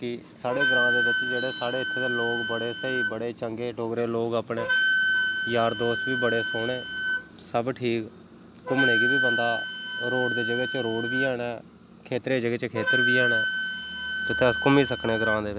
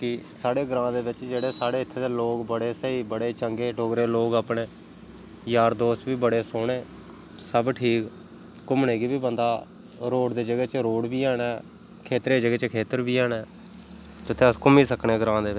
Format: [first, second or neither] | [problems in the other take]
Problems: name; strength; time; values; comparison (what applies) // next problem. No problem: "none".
second | background sound (Wind instrument, woodwind instrument); as loud as the speech